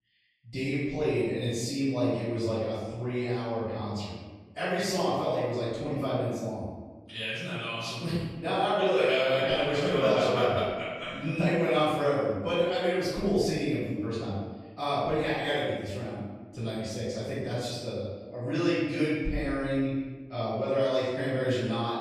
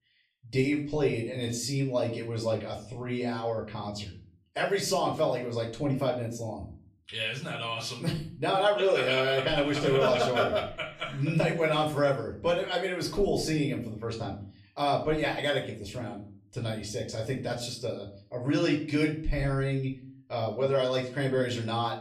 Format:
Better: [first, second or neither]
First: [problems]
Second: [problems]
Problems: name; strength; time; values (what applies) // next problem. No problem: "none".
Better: second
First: room echo; strong; dies away in 1.3 s // off-mic speech; far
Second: room echo; slight; dies away in 0.4 s // off-mic speech; far